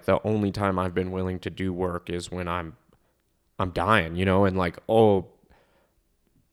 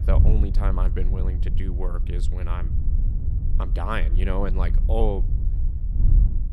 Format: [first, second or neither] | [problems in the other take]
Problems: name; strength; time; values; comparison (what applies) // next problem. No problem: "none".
first | wind noise on the microphone; heavy; 10 dB below the speech